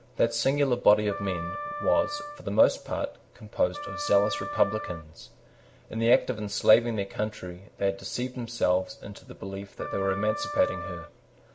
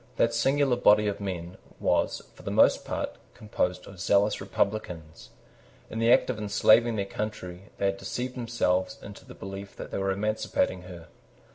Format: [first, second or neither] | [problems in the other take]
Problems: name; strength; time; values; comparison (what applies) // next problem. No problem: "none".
second | background sound (Wind instrument, woodwind instrument); 10 dB below the speech